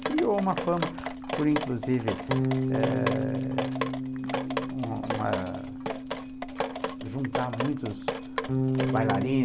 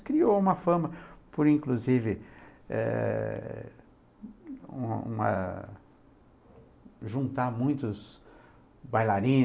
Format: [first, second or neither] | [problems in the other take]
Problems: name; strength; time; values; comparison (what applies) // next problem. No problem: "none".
second | background sound (Bass guitar + Drip); 1 dB above the speech